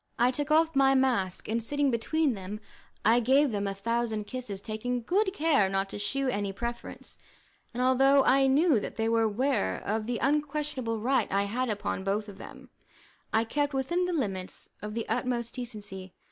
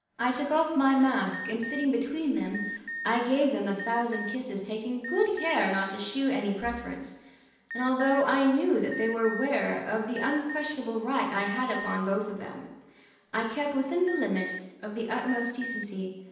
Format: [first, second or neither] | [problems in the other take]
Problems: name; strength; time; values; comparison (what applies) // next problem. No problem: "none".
first | background sound (Alarm); 13 dB below the speech // room echo; dies away in 0.9 s